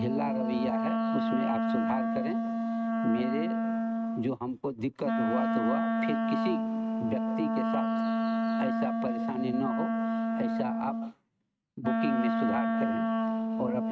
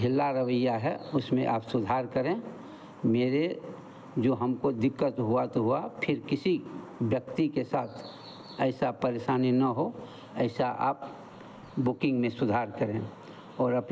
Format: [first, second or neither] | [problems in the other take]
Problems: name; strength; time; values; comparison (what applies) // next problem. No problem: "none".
second | noise reduction (neural mask model RNNoise)